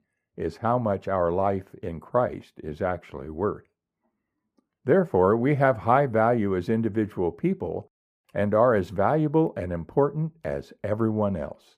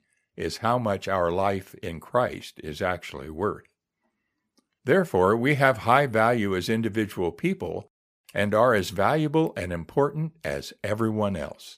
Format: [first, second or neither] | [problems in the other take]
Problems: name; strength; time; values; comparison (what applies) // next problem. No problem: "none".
second | muffled; very; fading above 2 kHz